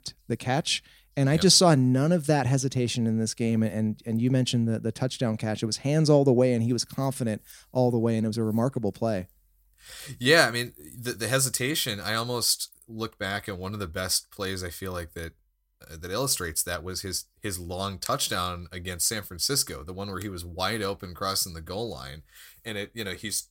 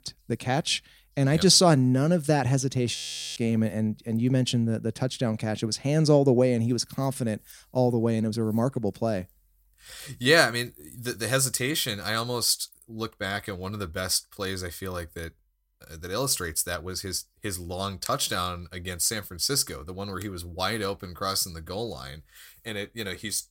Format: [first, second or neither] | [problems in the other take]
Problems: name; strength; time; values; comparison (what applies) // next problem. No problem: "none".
first | audio freezing; at 3 s